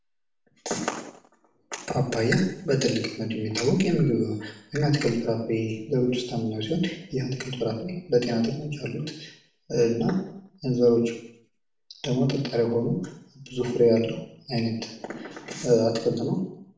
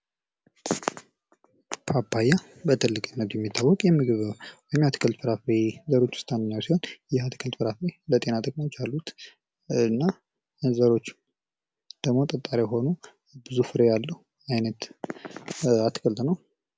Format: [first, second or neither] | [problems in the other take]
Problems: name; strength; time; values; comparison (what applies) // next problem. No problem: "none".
second | room echo; dies away in 0.6 s